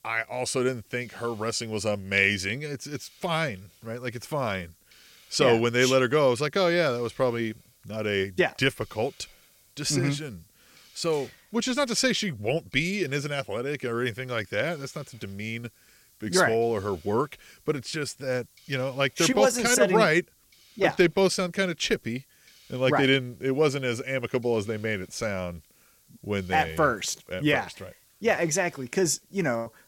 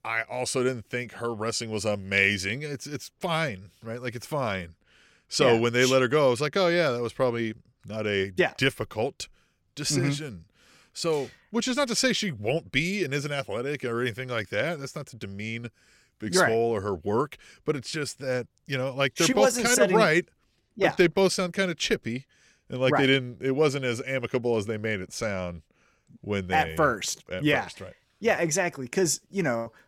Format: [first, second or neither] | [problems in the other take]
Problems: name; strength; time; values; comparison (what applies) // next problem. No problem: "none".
second | hiss; faint; throughout; 30 dB below the speech